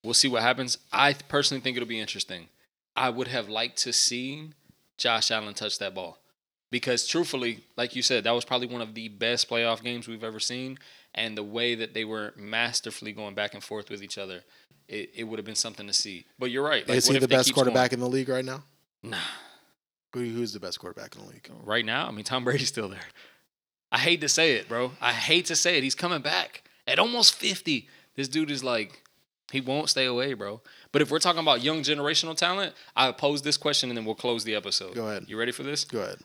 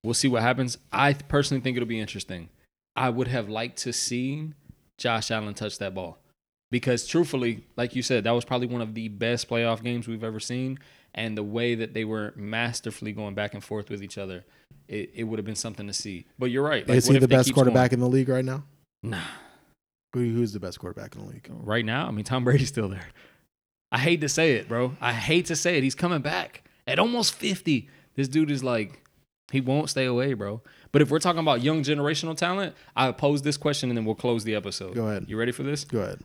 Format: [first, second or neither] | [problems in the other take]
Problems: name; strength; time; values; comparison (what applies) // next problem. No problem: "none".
second | thin; very slightly; fading below 500 Hz